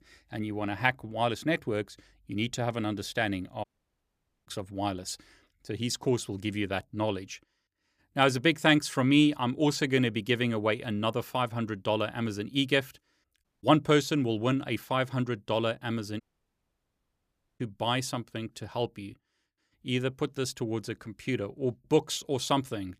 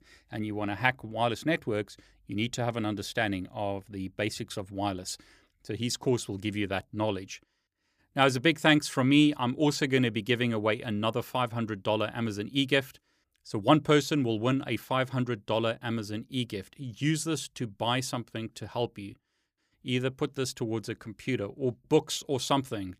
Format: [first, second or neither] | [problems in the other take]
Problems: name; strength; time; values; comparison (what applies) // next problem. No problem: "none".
second | audio cutting out; at 3.5 s for 1 s, at 13 s and at 16 s for 1.5 s